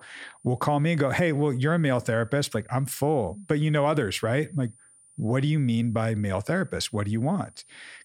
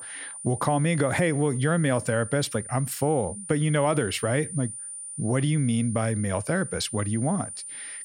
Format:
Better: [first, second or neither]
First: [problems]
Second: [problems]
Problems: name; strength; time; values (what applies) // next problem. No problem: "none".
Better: first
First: high-pitched whine; faint; throughout; 9 kHz, 30 dB below the speech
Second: high-pitched whine; loud; throughout; 9 kHz, 10 dB below the speech